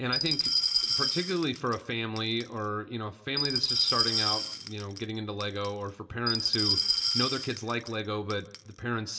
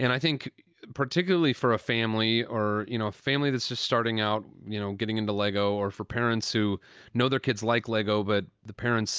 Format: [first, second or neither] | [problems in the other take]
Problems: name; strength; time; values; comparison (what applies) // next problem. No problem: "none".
second | background sound (Glass); 2 dB above the speech // room echo; dies away in 0.8 s